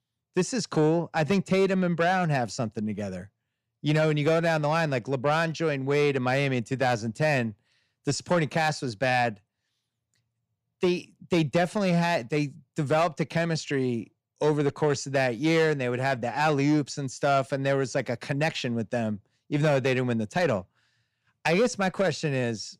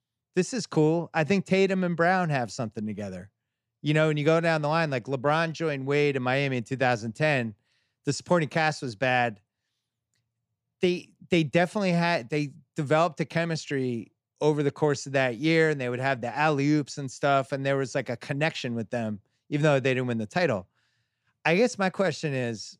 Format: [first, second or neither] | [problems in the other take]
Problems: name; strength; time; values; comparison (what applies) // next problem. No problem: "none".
second | distortion; slight; 10 dB below the speech